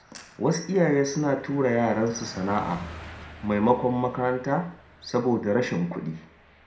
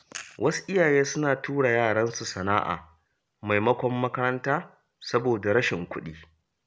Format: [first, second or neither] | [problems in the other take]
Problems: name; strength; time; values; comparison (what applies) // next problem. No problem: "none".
second | background sound (Car passing by); 19 dB below the speech // room echo; dies away in 0.4 s